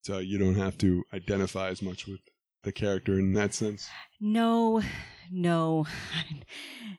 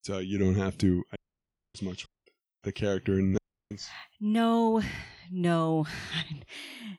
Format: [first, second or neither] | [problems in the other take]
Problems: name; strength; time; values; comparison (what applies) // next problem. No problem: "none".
first | audio cutting out; at 1 s for 0.5 s, at 2 s and at 3.5 s